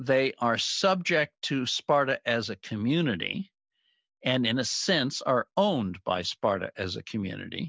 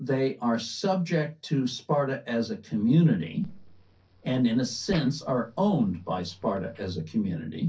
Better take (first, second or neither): first